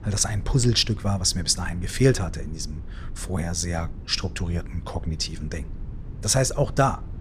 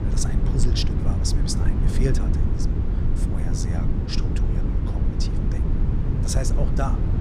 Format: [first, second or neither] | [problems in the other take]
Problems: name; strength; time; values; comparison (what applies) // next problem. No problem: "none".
first | low rumble; loud; throughout; 2 dB below the speech; faint in the first